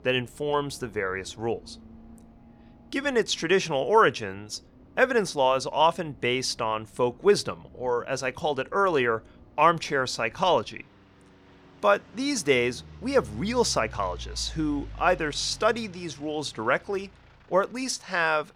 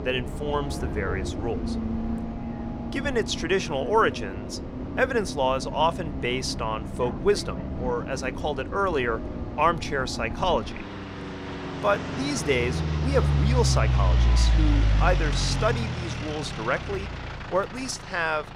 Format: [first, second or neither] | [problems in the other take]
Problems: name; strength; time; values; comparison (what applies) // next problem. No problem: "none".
first | traffic noise; loud; throughout; 2 dB below the speech; faint in the first